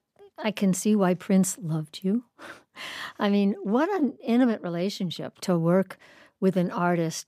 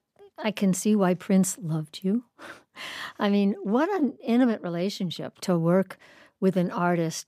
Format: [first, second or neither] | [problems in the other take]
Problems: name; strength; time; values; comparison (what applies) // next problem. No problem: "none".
neither | none